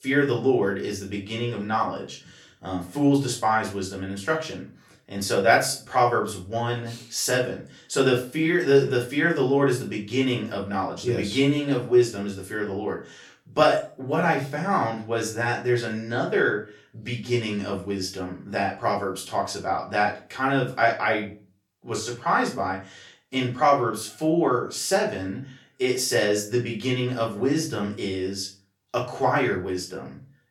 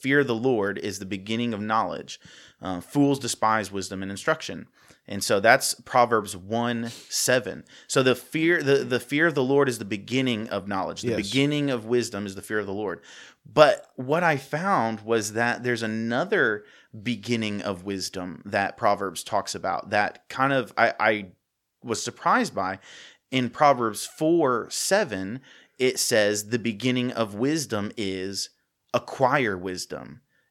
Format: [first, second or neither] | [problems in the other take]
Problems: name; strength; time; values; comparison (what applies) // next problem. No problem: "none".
second | off-mic speech; far // room echo; slight; dies away in 0.3 s